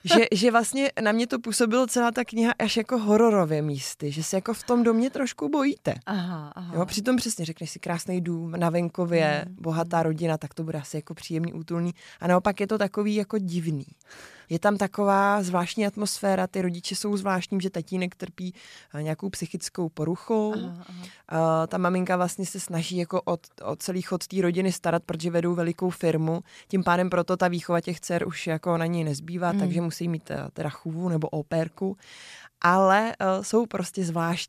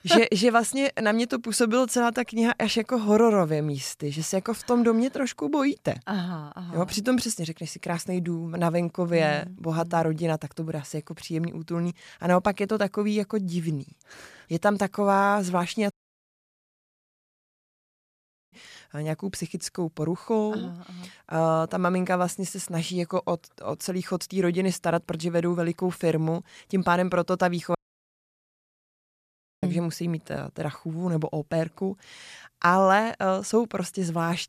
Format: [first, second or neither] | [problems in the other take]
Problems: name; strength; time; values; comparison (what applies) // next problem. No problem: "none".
first | audio cutting out; at 16 s for 2.5 s and at 28 s for 2 s